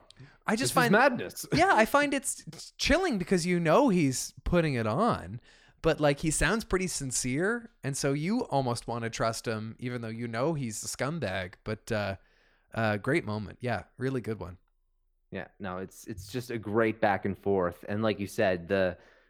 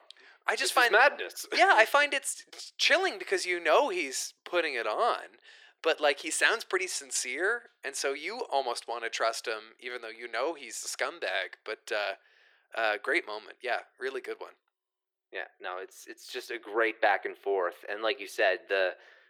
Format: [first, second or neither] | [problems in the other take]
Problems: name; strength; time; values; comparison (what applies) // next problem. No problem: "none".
first | thin; very; fading below 350 Hz